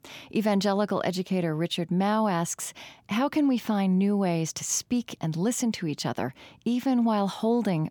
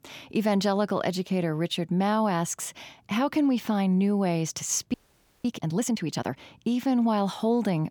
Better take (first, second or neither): first